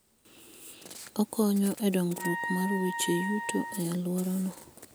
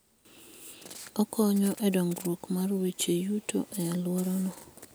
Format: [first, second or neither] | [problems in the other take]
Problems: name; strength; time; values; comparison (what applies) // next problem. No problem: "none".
second | background sound (Wind instrument, woodwind instrument); 7 dB below the speech